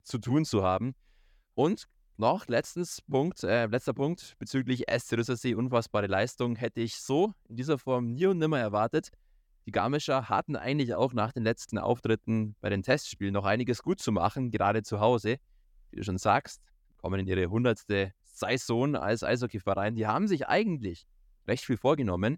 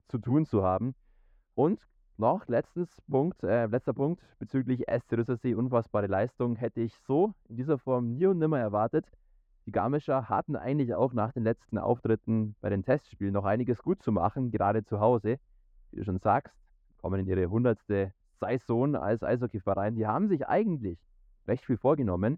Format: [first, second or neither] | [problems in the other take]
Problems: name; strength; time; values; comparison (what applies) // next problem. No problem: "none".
first | muffled; very; fading above 2.5 kHz